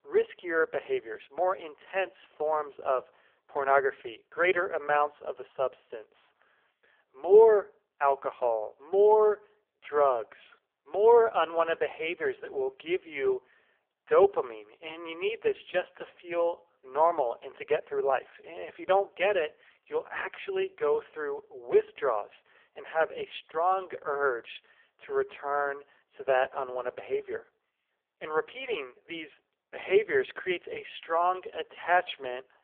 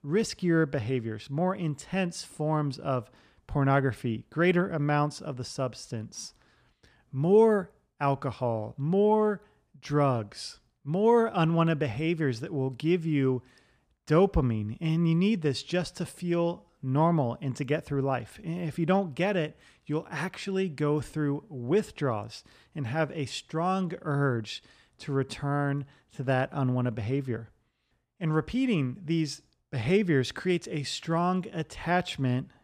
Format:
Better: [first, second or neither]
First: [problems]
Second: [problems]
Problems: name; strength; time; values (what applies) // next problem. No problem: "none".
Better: second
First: phone-call audio; poor line; nothing above 3.5 kHz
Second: none